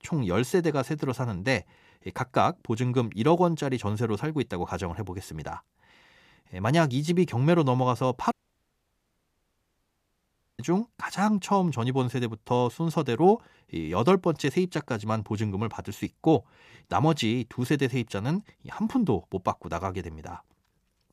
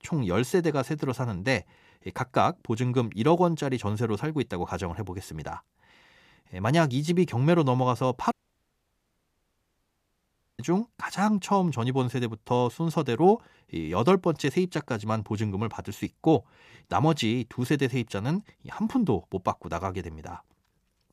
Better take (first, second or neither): neither